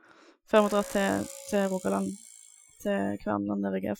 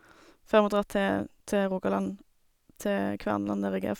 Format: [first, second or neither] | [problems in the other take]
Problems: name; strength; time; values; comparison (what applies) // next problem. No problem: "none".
second | noise reduction (classical method Wiener filter)